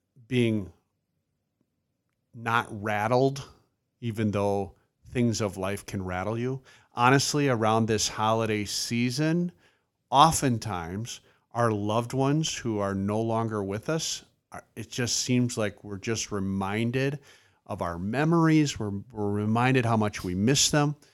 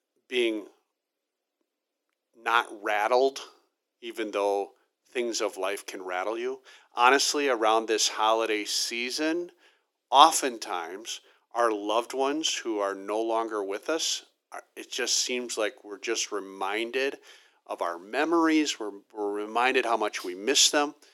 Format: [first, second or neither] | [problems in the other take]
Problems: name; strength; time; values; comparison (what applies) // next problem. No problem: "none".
first | thin; very; fading below 350 Hz